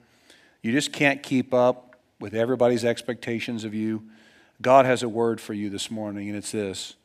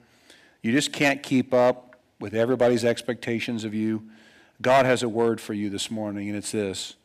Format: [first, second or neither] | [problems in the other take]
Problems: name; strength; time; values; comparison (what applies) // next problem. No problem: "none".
first | distortion; slight; 2% of the sound clipped